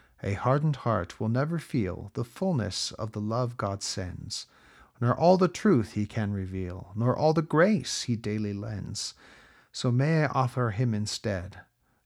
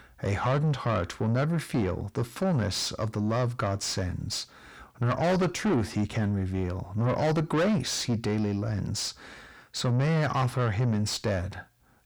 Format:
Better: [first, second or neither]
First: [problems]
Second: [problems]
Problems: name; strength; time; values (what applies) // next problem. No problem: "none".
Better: first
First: none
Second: distortion; heavy; 7 dB below the speech